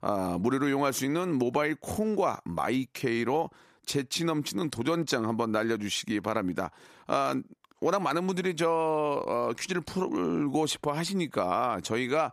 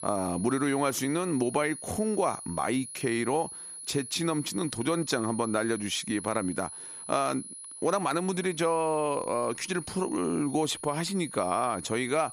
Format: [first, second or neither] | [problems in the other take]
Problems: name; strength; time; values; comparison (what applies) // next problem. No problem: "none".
first | high-pitched whine; noticeable; throughout; 10.5 kHz, 10 dB below the speech